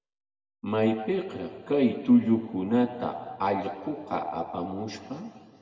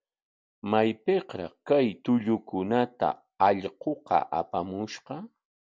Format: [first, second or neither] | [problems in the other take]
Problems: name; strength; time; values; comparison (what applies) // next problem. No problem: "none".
second | room echo; dies away in 1.9 s